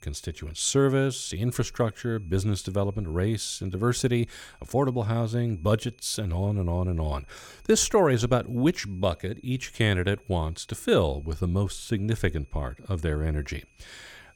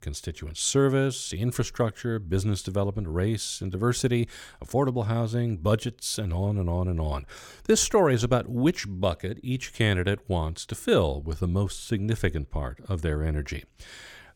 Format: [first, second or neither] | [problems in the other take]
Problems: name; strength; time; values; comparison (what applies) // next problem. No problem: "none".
second | high-pitched whine; faint; throughout; 2.5 kHz, 35 dB below the speech